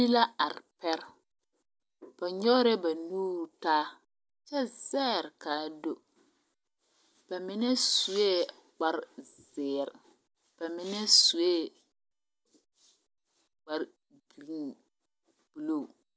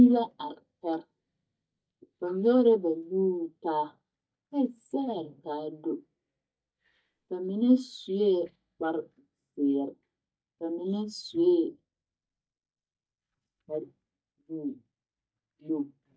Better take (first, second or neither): first